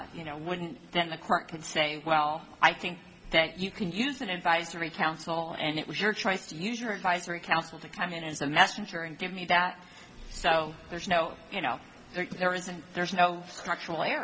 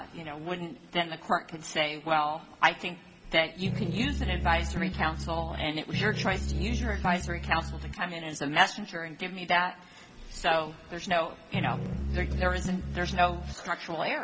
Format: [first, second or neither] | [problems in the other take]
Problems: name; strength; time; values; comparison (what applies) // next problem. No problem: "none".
first | background sound (Piano); 1 dB below the speech